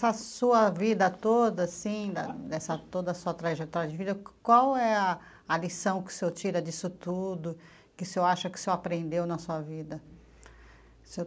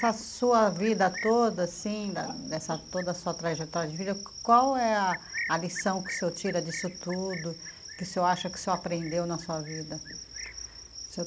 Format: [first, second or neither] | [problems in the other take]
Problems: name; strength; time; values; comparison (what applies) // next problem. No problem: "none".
first | background sound (Cricket); 12 dB below the speech